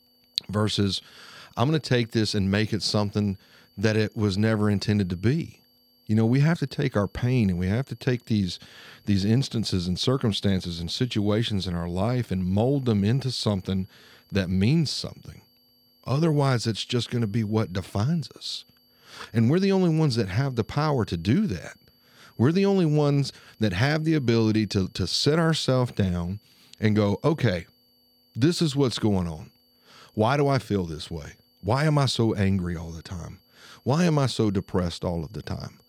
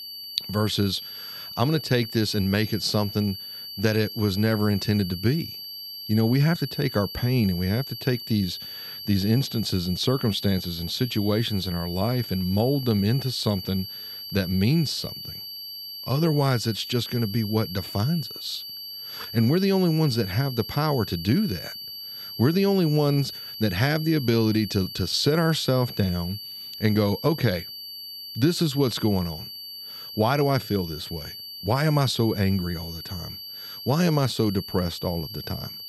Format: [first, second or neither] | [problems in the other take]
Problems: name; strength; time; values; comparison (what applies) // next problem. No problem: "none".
first | high-pitched whine; loud; throughout; 4.5 kHz, 10 dB below the speech; faint in the first